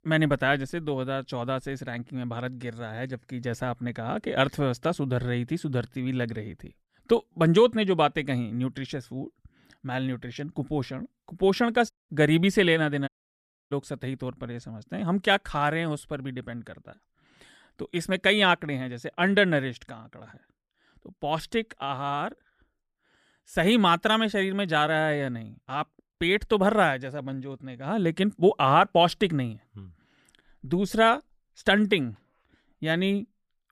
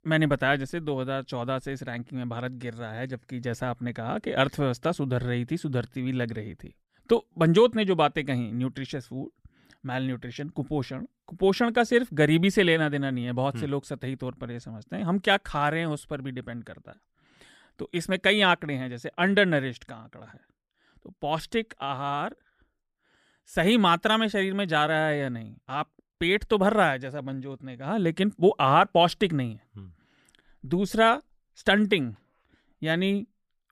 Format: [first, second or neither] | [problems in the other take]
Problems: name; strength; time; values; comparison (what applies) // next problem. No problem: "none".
second | audio cutting out; at 12 s and at 13 s for 0.5 s